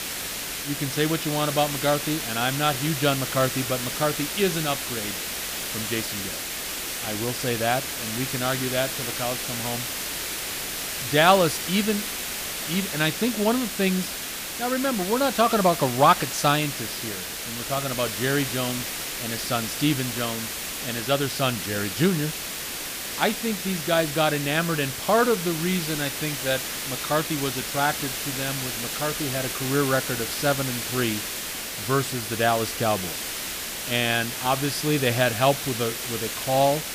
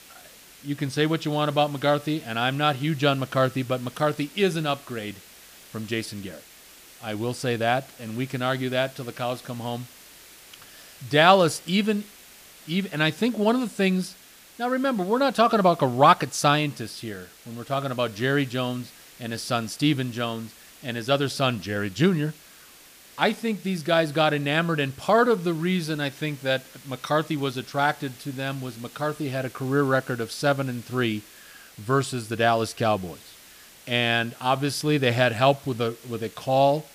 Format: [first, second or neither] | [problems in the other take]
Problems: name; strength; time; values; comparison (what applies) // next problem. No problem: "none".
second | hiss; loud; throughout; 3 dB below the speech; faint in the second